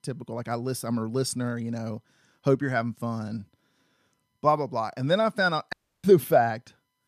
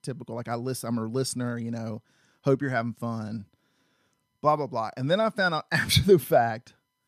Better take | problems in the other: second | audio cutting out; at 5.5 s

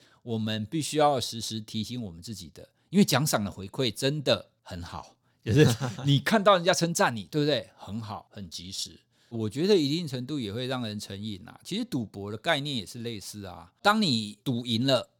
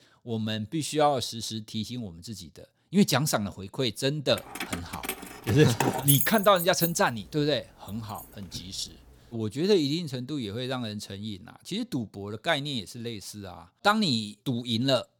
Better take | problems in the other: first | jangling keys; loud; from 4.5 to 8.5 s; peak 4 dB above the speech

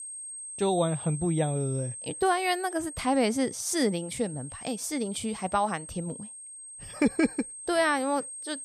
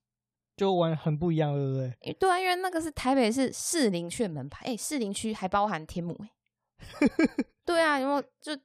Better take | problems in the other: second | high-pitched whine; noticeable; throughout; 8.5 kHz, 10 dB below the speech

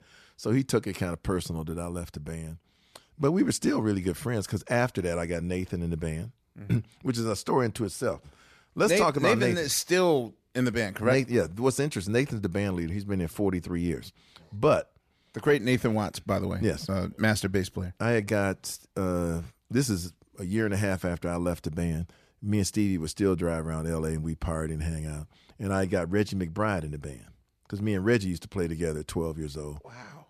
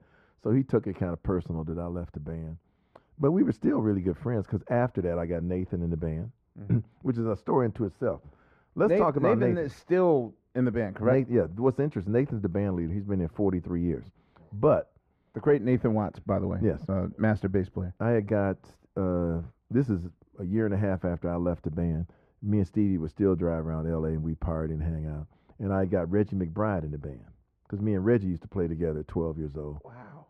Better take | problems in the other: first | muffled; very; fading above 3 kHz

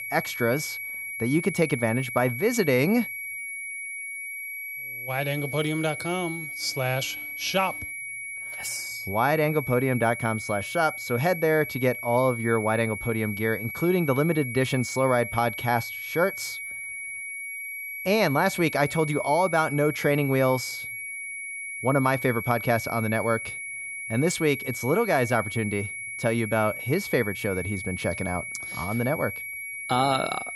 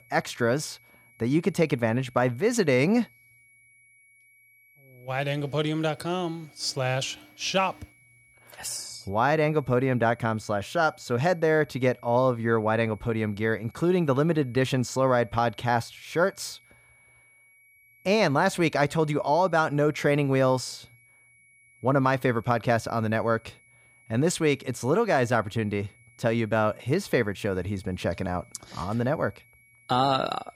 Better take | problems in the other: second | high-pitched whine; loud; throughout; 2 kHz, 7 dB below the speech; faint in the second

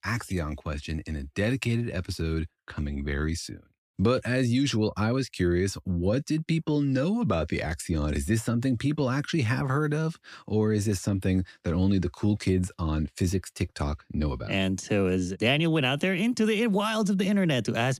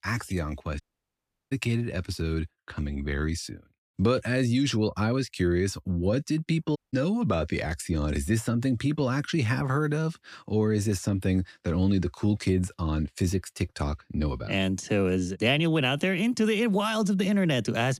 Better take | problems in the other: first | audio cutting out; at 1 s for 0.5 s and at 7 s

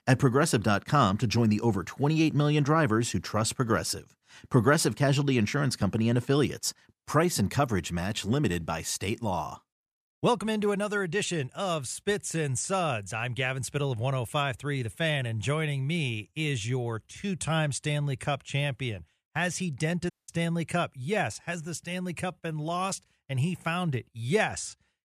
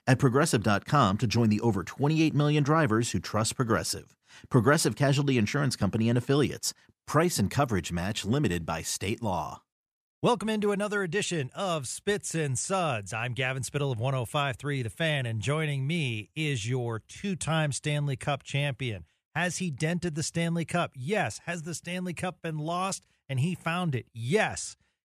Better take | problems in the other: second | audio cutting out; at 20 s

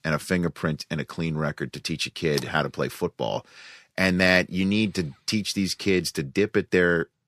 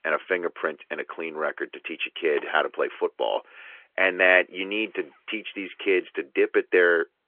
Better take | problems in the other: first | phone-call audio; nothing above 3 kHz

